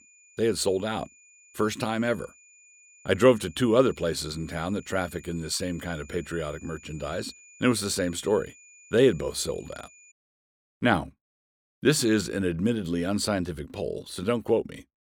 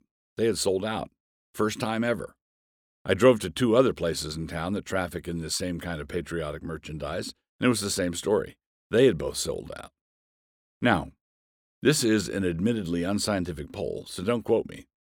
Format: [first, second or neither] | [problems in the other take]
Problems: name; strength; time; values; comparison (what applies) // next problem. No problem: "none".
second | high-pitched whine; faint; until 10 s; 2.5 kHz, 25 dB below the speech